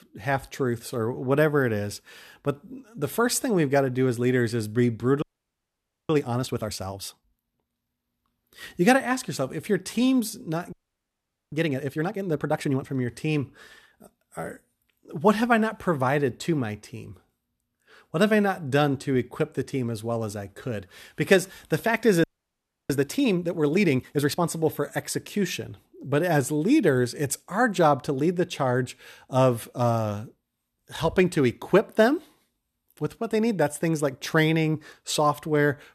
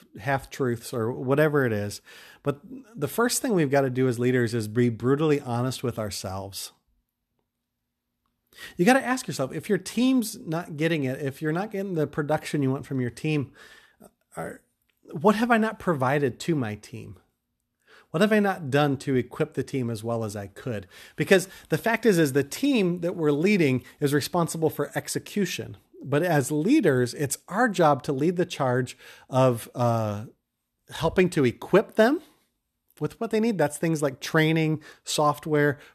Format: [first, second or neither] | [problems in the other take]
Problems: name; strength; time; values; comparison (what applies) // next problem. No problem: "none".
second | audio freezing; at 5 s for 1 s, at 11 s for 1 s and at 22 s for 0.5 s